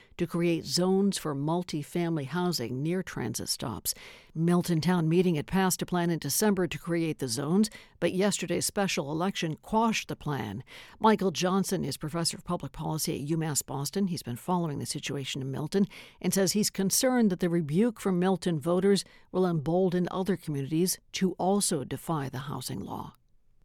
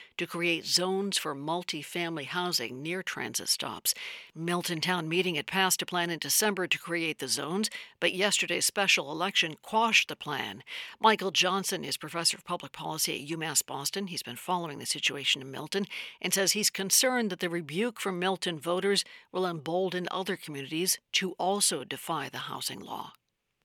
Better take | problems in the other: first | thin; somewhat; fading below 650 Hz

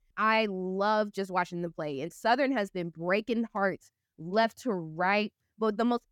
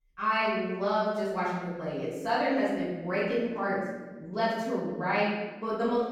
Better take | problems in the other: first | off-mic speech; far // room echo; strong; dies away in 1.2 s

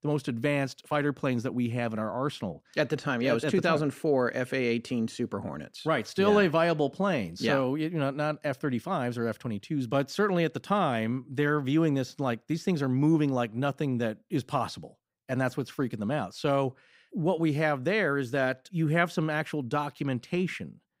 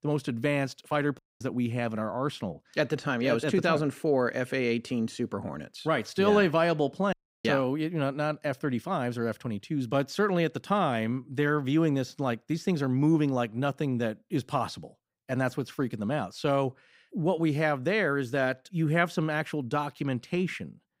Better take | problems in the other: first | audio cutting out; at 1 s and at 7 s

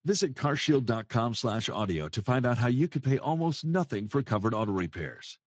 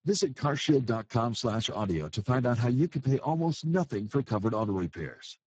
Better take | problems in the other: first | garbled, watery; badly; nothing above 7.5 kHz; slightly in the first

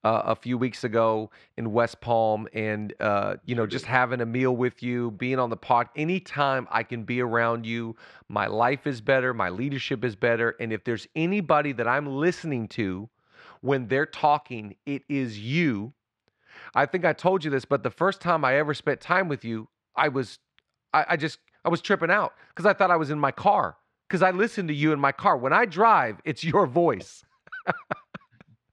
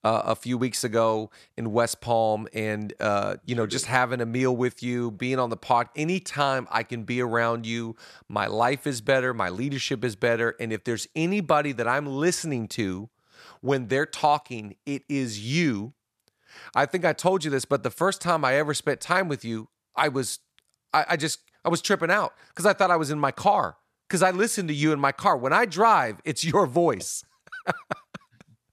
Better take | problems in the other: second | muffled; slightly; fading above 2.5 kHz

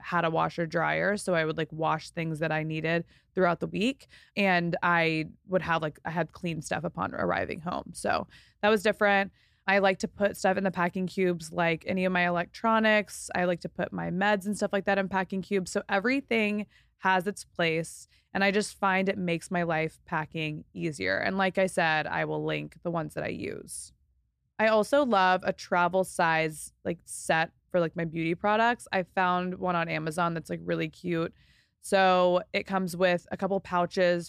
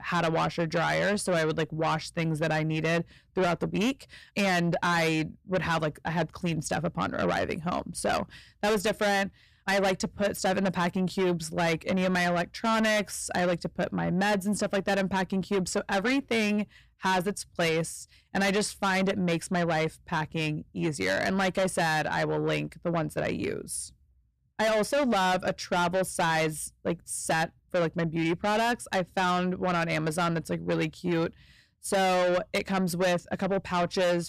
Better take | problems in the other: first | distortion; heavy; 7 dB below the speech

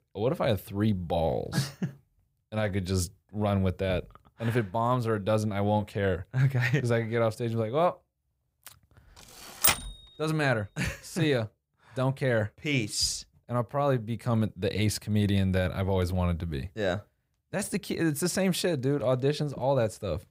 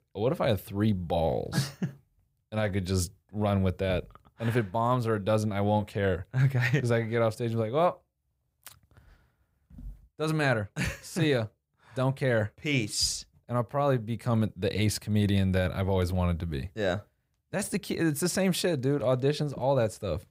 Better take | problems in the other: second | keyboard typing; loud; at 9.5 s; peak 5 dB above the speech

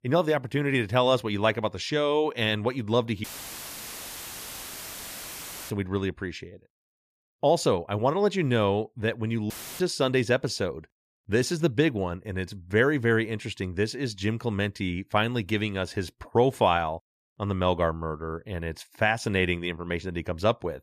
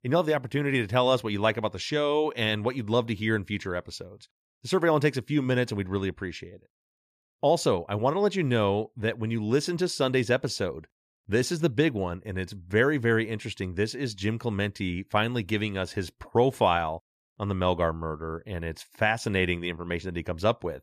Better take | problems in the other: second | audio cutting out; filled with static; at 3 s for 2.5 s and at 9.5 s

